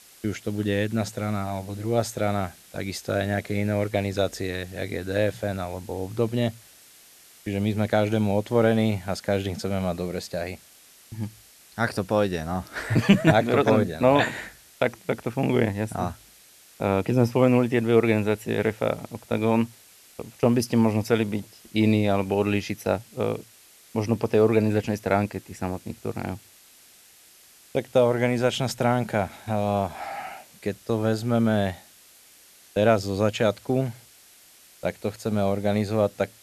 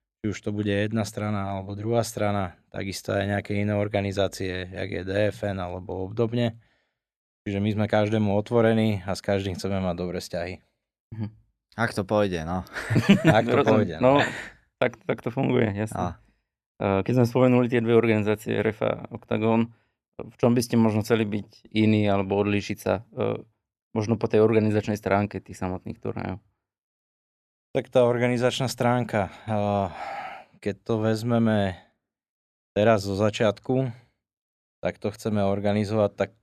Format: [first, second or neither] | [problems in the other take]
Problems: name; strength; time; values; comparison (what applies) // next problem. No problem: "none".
second | hiss; faint; throughout; 25 dB below the speech